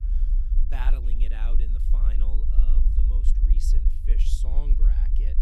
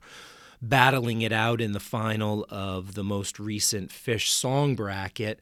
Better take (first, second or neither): second